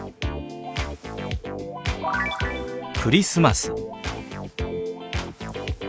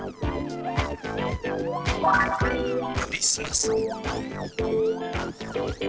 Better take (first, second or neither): first